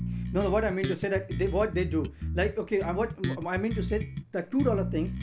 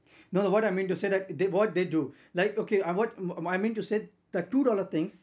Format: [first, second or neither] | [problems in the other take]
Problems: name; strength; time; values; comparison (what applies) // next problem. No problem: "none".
second | background sound (Bass guitar); 4 dB below the speech